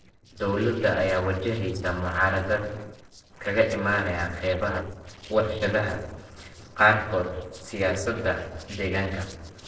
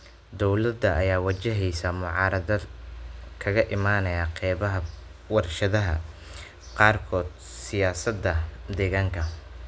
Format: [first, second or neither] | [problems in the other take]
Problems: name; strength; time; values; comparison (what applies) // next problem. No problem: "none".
second | noise reduction (neural separator model SepFormer DNS4)